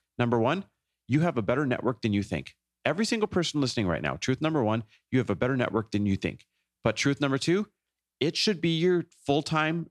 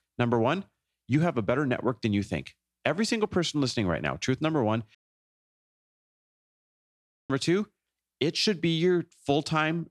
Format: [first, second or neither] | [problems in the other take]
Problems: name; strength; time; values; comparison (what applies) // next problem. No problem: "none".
first | audio cutting out; at 5 s for 2.5 s